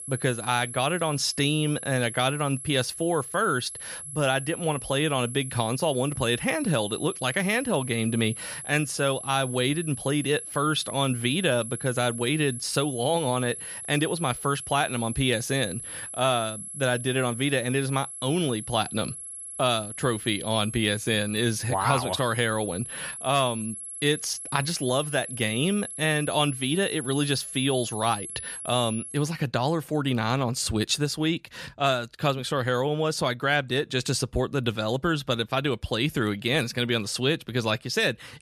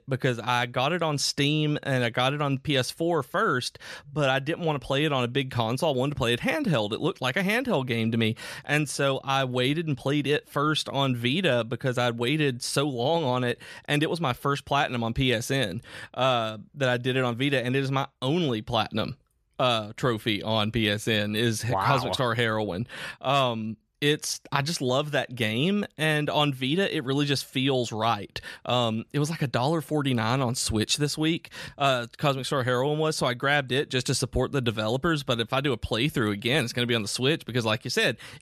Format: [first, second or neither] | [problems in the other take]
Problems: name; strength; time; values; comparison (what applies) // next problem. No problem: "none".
second | high-pitched whine; loud; until 29 s; 11 kHz, 9 dB below the speech